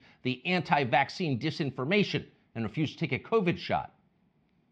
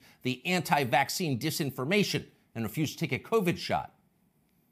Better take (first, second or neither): second